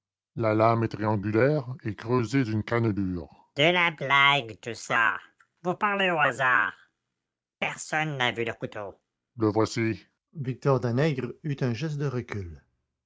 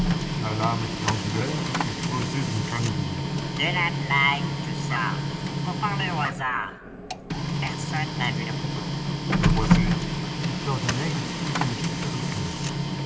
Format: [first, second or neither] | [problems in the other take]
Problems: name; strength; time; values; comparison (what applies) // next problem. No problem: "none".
first | background sound (Printer); 3 dB above the speech // room echo; dies away in 2.5 s